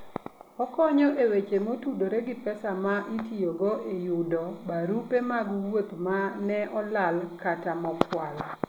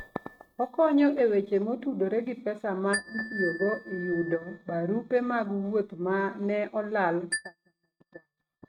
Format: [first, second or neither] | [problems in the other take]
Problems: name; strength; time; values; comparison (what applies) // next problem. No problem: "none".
first | noise reduction (neural mask model RNNoise)